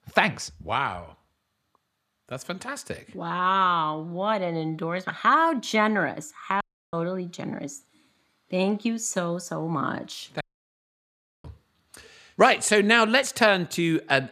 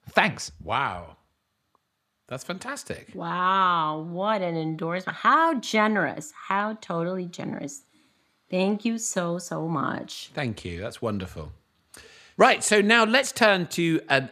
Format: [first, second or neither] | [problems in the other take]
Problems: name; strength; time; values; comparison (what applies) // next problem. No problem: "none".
second | audio cutting out; at 6.5 s and at 10 s for 1 s